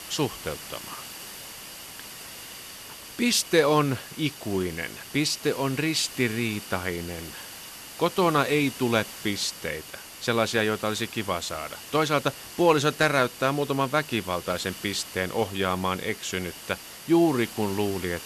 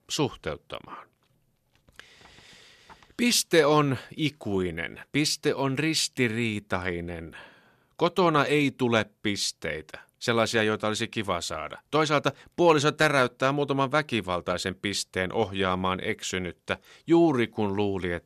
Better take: second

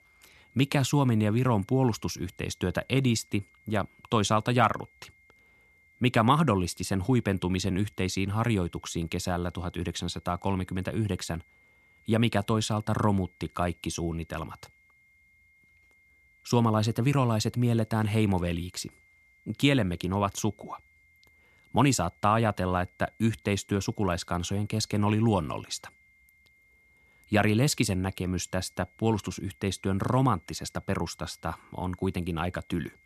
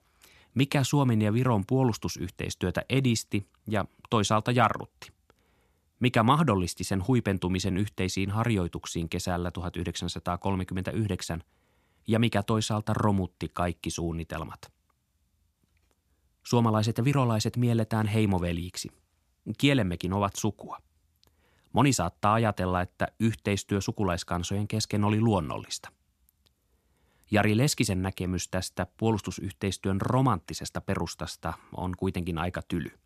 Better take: second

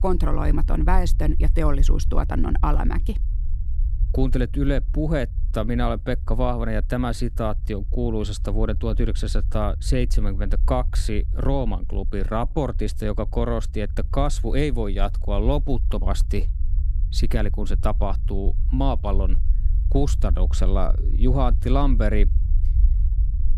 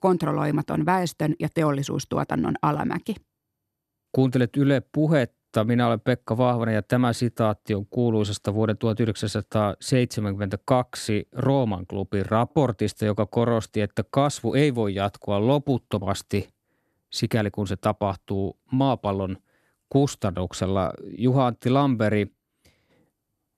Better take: second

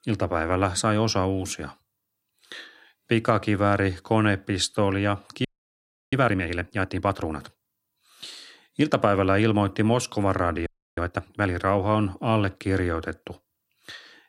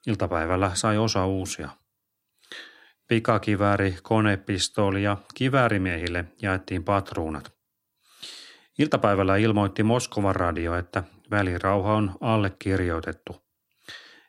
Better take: second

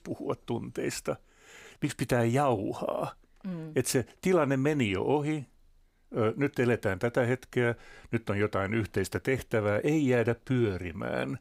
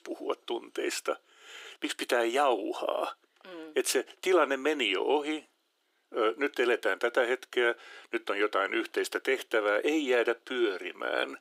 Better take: first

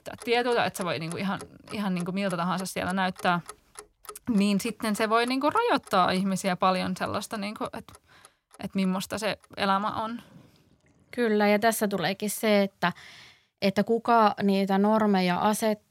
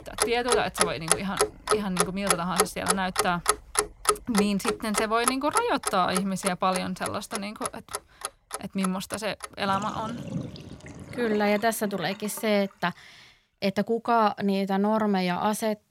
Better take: first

